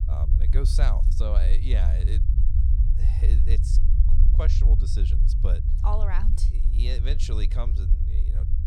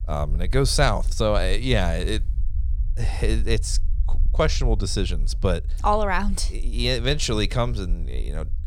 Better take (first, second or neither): second